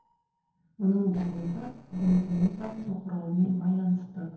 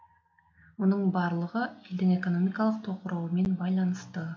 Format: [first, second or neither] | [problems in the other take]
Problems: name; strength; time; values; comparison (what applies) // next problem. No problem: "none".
second | noise reduction (neural separator model SepFormer DNS4)